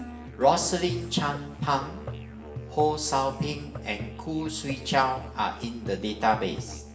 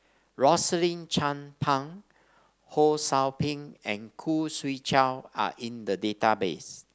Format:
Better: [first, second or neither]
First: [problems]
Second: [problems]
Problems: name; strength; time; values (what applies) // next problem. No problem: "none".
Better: second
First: background sound (Musical instrument); 11 dB below the speech // room echo; dies away in 1.1 s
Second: none